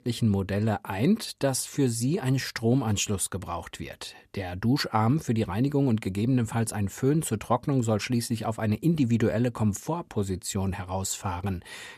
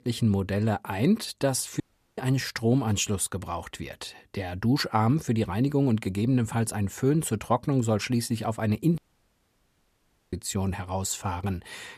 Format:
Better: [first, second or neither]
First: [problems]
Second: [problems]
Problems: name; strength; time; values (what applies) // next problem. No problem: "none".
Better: first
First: none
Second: audio cutting out; at 2 s and at 9 s for 1.5 s